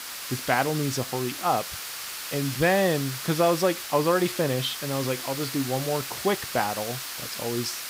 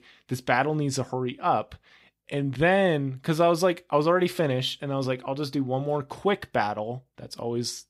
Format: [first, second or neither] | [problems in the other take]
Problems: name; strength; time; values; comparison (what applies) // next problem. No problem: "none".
second | hiss; loud; throughout; 6 dB below the speech